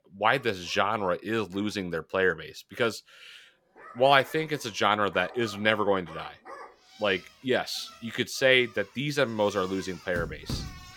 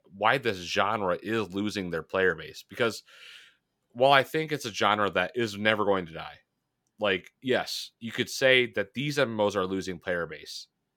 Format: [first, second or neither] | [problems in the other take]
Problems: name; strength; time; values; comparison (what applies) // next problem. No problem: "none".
second | animal sounds; noticeable; throughout; 20 dB below the speech